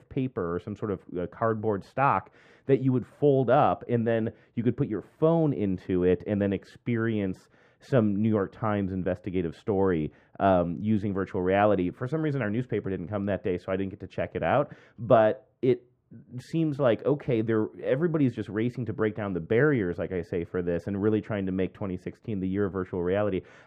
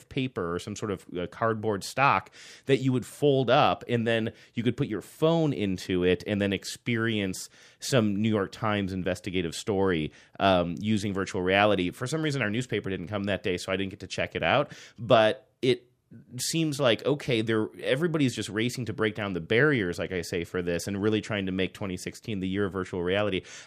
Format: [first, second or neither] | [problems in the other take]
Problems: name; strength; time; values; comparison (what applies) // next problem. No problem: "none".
second | muffled; very; fading above 2.5 kHz